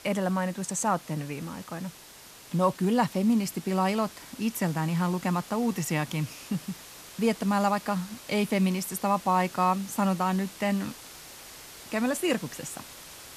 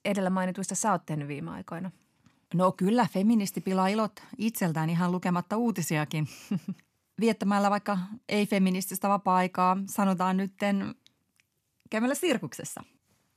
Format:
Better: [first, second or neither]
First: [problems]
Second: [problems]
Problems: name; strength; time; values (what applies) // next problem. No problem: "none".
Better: second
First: hiss; noticeable; throughout; 15 dB below the speech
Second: none